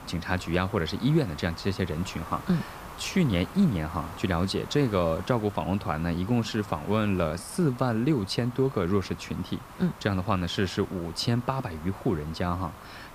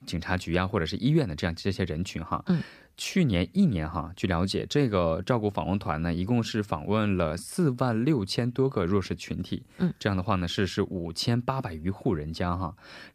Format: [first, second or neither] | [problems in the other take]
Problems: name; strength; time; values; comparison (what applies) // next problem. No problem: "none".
second | hiss; noticeable; throughout; 15 dB below the speech